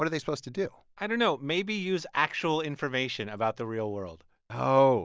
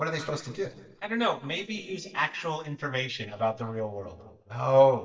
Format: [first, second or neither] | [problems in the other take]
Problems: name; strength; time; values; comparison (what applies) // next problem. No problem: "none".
first | noise reduction (neural mask model DeepFilterNet 3)